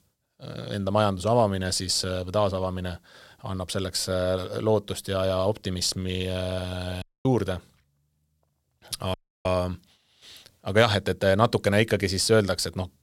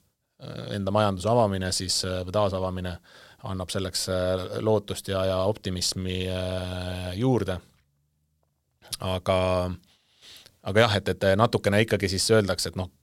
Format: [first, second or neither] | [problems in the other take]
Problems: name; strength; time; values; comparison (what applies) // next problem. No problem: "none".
second | audio cutting out; at 7 s and at 9 s